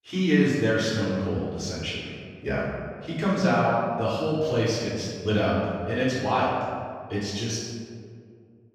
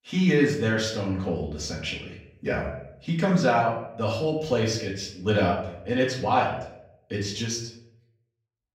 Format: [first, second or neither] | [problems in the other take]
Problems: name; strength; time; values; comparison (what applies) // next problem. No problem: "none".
second | room echo; strong; dies away in 1.7 s; slight in the second // off-mic speech; far; far in the second